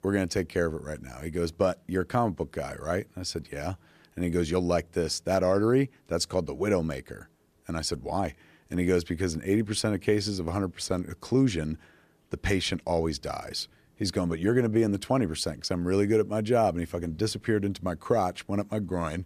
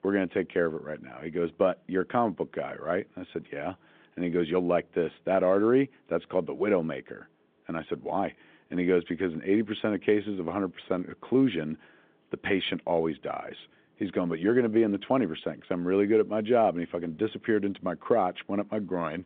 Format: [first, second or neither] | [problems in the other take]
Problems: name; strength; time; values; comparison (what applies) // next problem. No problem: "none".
first | phone-call audio